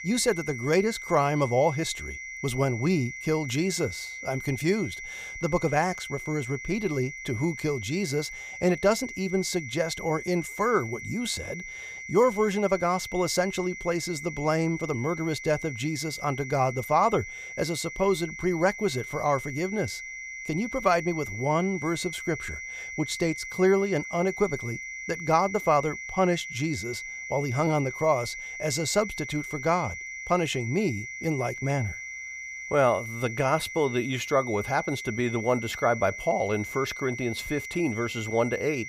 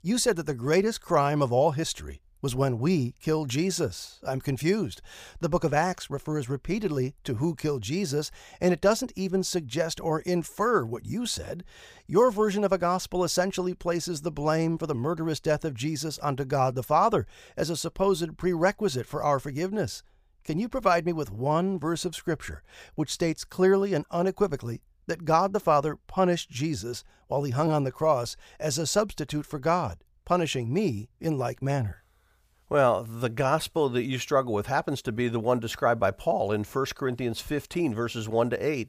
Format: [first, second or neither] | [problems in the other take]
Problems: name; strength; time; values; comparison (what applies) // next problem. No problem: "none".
second | high-pitched whine; loud; throughout; 2 kHz, 9 dB below the speech